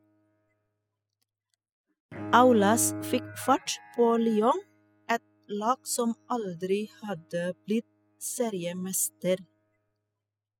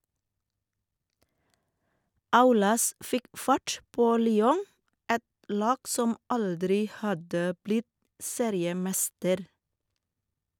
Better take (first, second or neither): second